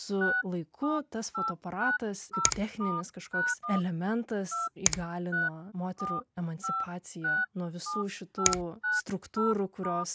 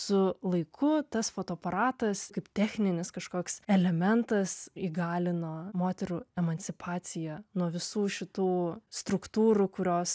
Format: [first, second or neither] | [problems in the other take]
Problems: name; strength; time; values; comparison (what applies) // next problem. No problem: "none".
second | background sound (Telephone + Finger snapping); as loud as the speech